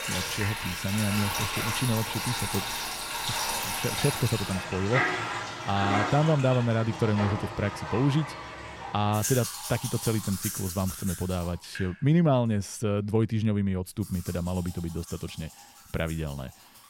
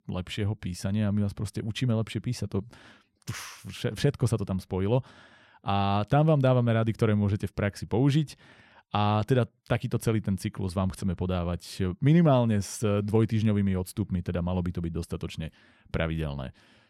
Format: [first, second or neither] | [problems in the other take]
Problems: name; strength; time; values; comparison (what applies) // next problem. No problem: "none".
second | household noises; loud; throughout; 3 dB below the speech